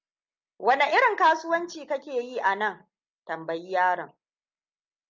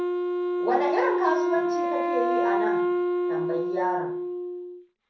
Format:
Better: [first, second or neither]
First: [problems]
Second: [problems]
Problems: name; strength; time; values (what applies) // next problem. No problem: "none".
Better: first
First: none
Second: background sound (Wind instrument, woodwind instrument); 4 dB above the speech // room echo; dies away in 0.6 s